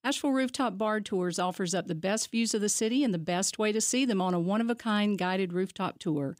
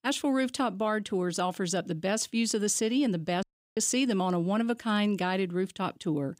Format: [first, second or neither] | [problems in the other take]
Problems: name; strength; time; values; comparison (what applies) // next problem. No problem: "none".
first | audio cutting out; at 3.5 s